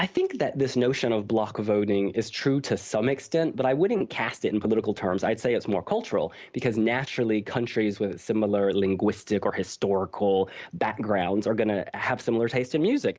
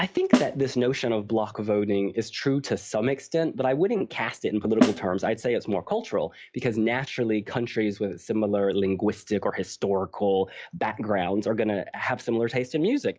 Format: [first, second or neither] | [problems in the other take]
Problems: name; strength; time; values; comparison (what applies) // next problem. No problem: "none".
first | noise reduction (classical method log-MMSE)